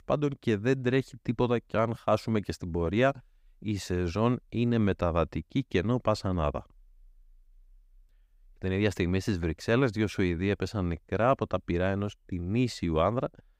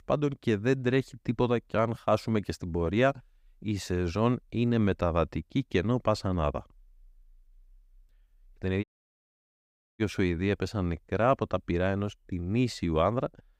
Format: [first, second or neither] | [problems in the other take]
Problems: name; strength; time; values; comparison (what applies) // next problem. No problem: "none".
first | audio cutting out; at 9 s for 1 s